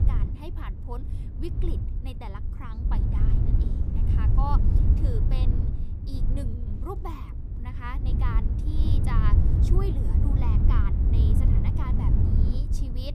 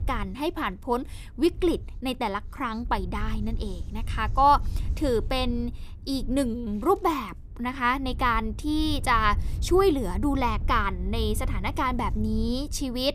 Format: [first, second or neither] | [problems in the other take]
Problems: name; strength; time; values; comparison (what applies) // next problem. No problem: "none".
second | wind noise on the microphone; heavy; 1 dB below the speech; occasional gusts in the second